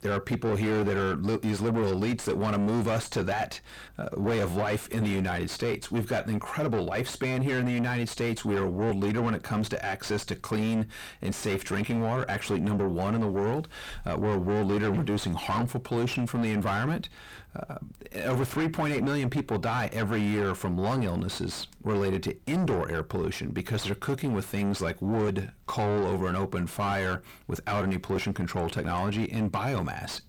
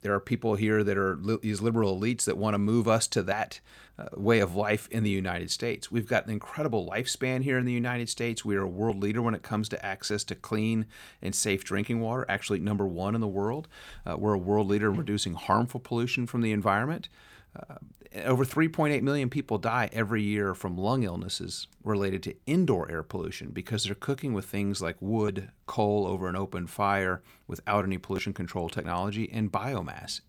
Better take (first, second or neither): second